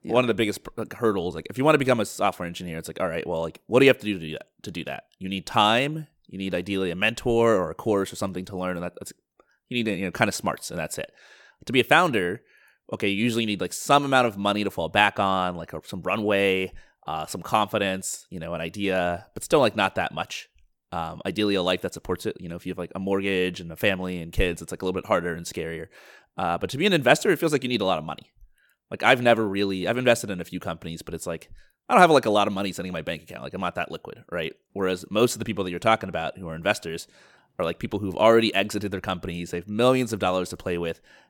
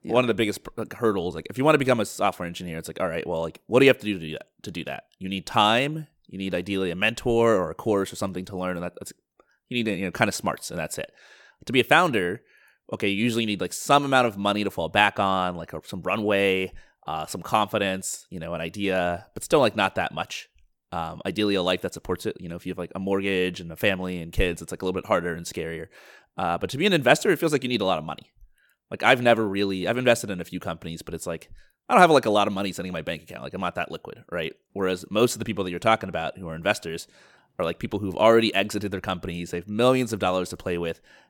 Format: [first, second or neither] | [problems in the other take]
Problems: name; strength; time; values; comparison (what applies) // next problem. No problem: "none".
neither | none